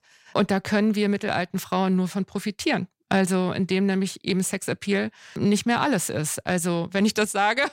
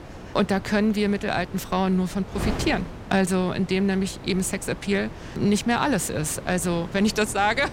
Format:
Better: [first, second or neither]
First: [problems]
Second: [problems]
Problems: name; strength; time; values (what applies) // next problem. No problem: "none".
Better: first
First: none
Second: wind noise on the microphone; occasional gusts; 15 dB below the speech